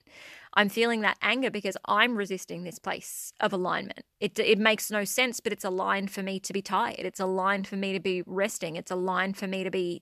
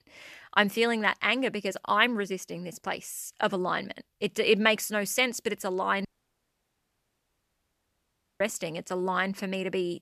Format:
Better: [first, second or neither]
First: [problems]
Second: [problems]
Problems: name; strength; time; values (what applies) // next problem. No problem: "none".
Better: first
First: none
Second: audio cutting out; at 6 s for 2.5 s